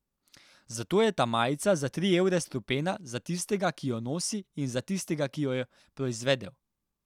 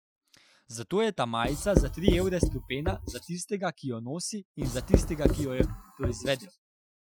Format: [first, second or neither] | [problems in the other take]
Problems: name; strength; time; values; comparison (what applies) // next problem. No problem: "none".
first | noise reduction (classical method Wiener filter)